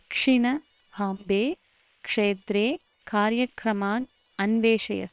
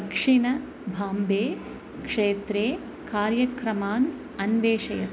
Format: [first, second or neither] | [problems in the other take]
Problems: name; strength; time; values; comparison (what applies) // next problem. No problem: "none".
second | noise reduction (neural separator model SepFormer WHAM!)